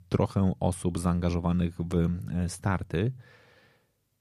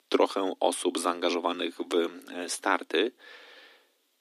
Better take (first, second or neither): first